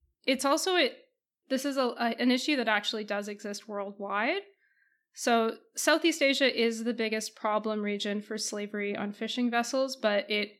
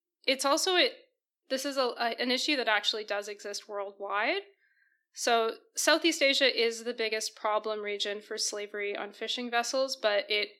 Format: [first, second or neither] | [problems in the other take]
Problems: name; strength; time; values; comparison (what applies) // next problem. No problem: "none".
first | thin; somewhat; fading below 300 Hz